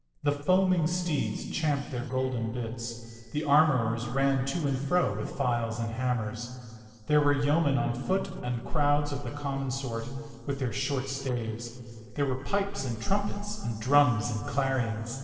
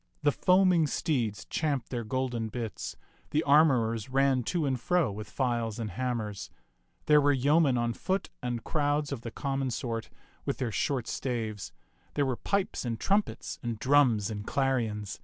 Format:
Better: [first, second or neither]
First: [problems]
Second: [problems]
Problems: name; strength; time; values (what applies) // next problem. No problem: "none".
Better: second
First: noise reduction (neural separator model SepFormer DNS4)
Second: none